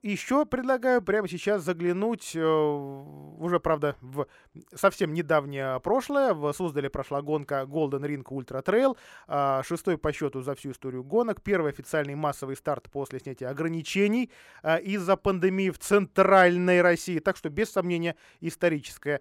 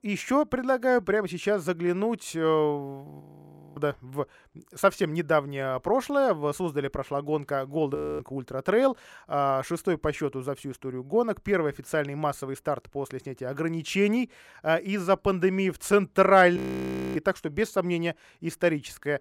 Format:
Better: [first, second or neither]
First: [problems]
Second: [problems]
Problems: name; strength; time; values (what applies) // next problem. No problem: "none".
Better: first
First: none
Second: audio freezing; at 3 s for 0.5 s, at 8 s and at 17 s for 0.5 s